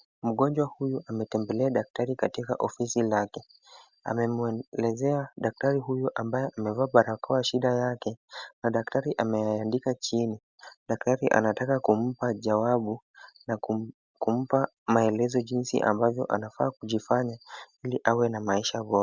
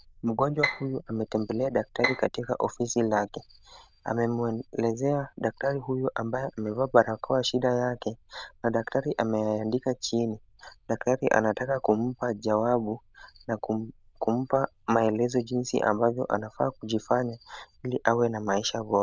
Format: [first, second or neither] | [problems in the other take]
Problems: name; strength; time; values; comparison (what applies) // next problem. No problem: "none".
first | noise reduction (neural diffusion model UNIVERSE++)